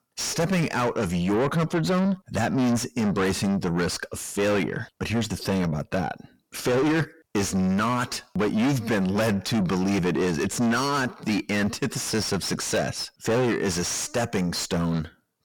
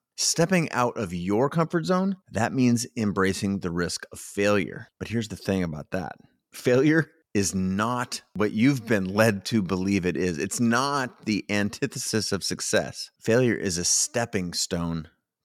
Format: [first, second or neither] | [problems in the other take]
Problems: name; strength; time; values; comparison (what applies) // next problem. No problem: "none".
second | distortion; heavy; 5 dB below the speech